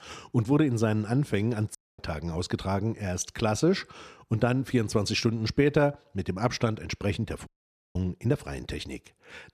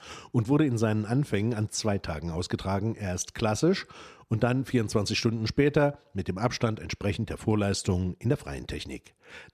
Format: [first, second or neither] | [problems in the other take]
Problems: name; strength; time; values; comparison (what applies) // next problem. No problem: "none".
second | audio cutting out; at 2 s and at 7.5 s